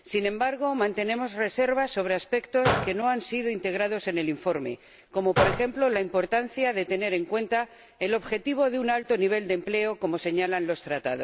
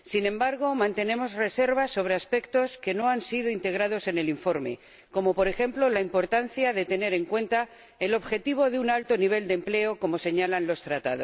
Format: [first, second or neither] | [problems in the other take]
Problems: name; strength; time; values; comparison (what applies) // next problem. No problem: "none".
second | background sound (Gunshot, gunfire); 6 dB below the speech